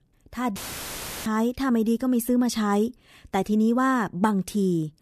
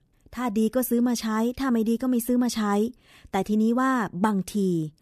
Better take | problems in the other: second | audio cutting out; filled with static; at 0.5 s for 0.5 s

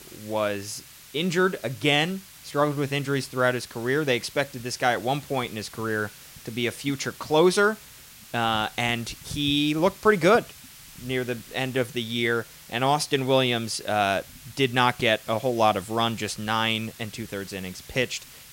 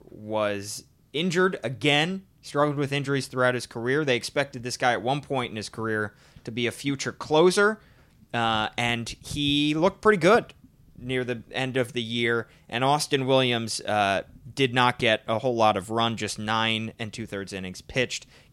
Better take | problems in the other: second | hiss; noticeable; throughout; 20 dB below the speech

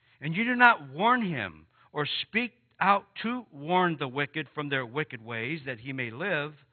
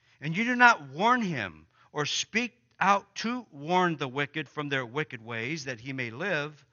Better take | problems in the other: second | garbled, watery; badly; nothing above 4 kHz; slightly in the second

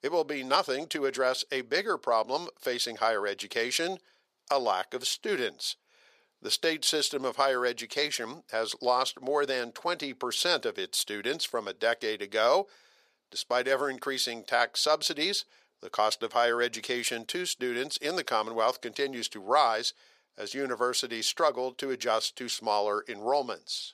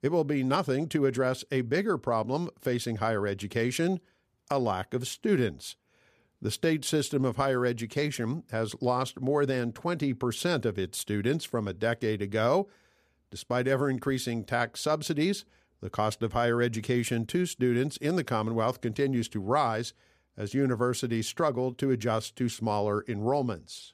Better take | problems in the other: second | thin; very; fading below 600 Hz

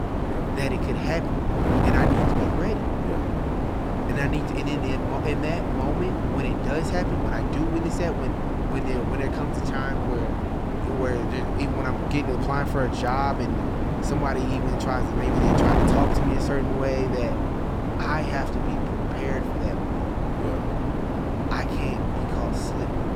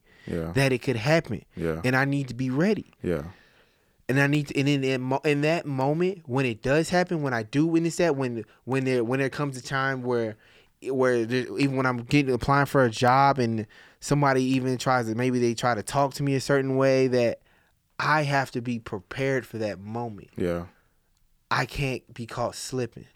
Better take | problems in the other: second | wind noise on the microphone; heavy; 2 dB above the speech

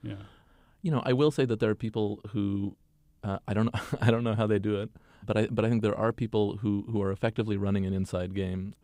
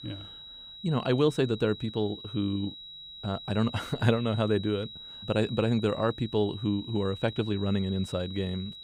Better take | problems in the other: first | high-pitched whine; noticeable; throughout; 4 kHz, 15 dB below the speech

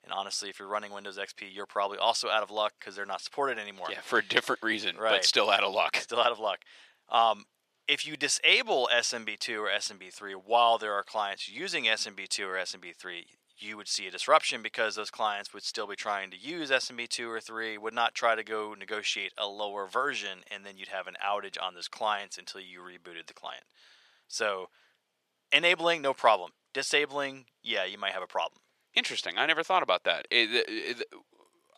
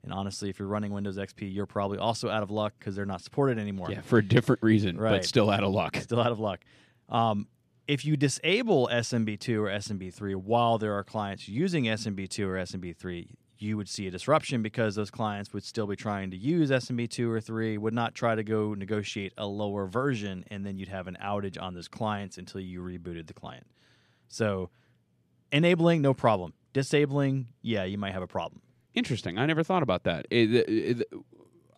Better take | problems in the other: second | thin; very; fading below 800 Hz

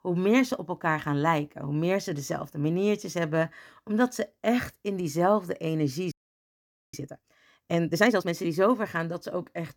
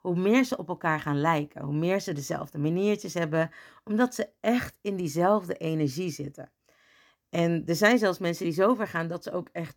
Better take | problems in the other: second | audio freezing; at 6 s for 1 s

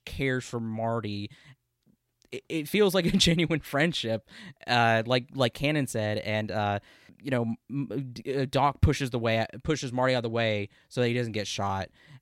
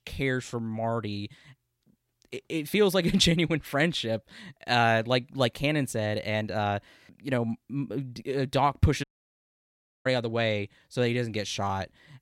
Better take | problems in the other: first | audio cutting out; at 9 s for 1 s

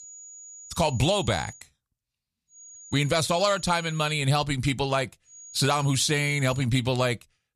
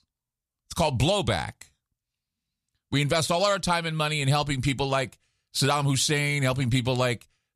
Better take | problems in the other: second | high-pitched whine; noticeable; until 1.5 s, from 2.5 to 4 s and from 5.5 to 6.5 s; 7 kHz, 20 dB below the speech

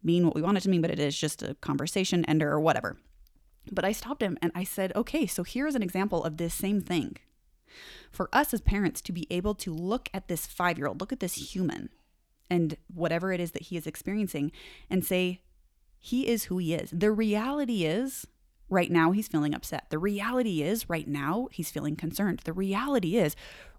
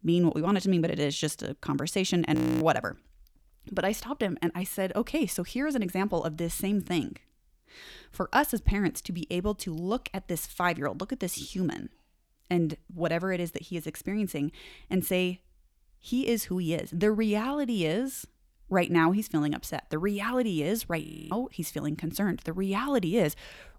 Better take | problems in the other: first | audio freezing; at 2.5 s and at 21 s

